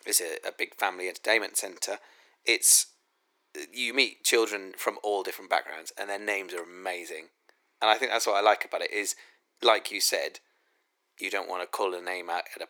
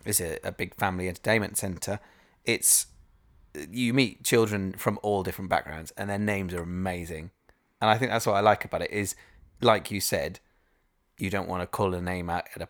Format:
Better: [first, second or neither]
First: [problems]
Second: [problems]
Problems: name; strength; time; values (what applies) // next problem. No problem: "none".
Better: second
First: thin; very; fading below 350 Hz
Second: none